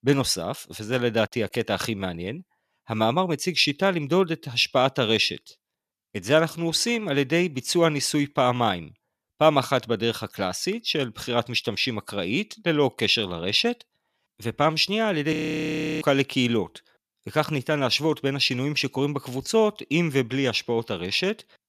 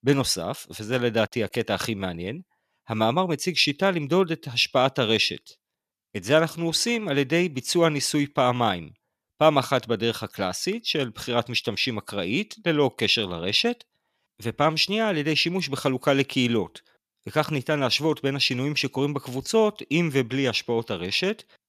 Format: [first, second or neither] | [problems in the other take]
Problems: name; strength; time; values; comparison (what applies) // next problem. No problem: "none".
second | audio freezing; at 15 s for 0.5 s